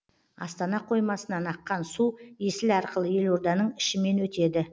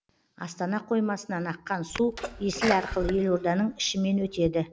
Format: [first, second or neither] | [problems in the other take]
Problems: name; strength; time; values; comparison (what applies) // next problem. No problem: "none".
first | background sound (Sneeze); 9 dB below the speech